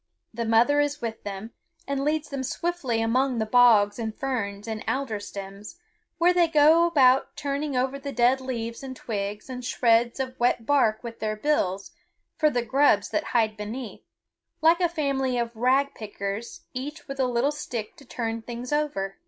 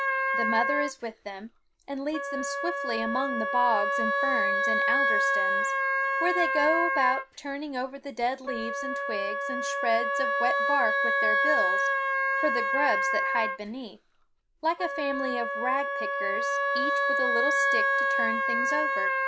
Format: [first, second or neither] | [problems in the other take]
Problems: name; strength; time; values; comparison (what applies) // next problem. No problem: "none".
first | background sound (Wind instrument, woodwind instrument); 4 dB above the speech